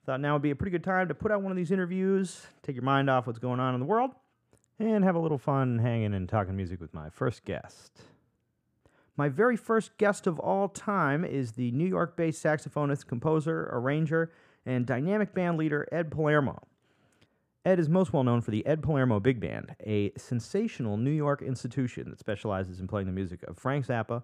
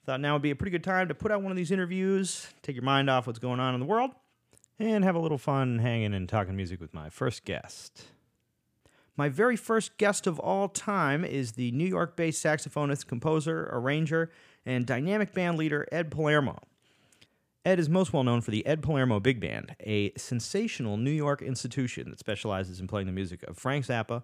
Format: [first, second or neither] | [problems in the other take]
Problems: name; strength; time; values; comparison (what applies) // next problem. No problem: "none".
second | muffled; slightly; fading above 1.5 kHz